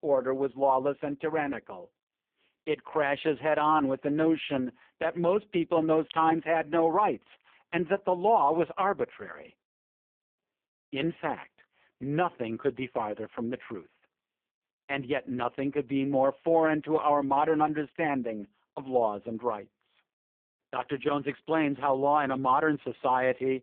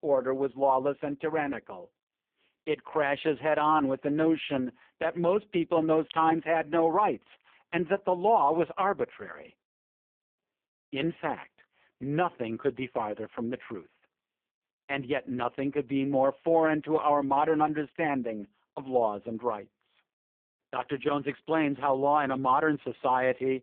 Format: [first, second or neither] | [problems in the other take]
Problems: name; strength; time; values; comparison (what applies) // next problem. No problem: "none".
neither | phone-call audio; poor line; the same in both